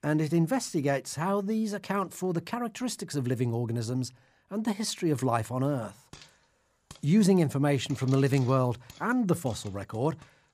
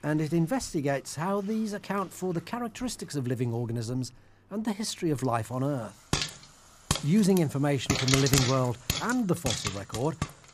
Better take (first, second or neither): first